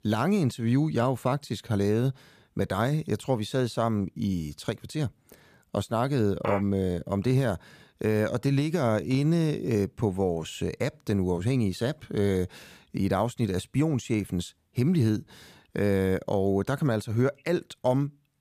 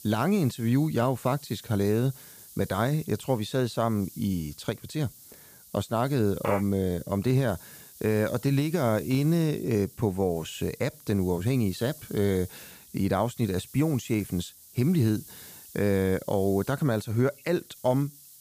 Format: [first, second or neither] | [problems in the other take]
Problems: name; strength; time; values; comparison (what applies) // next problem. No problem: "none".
first | hiss; noticeable; throughout; 20 dB below the speech